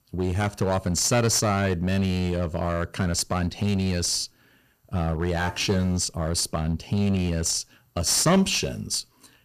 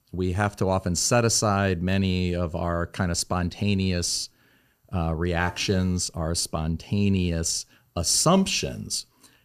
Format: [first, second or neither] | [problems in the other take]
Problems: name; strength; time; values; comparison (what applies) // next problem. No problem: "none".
second | distortion; slight; 7% of the sound clipped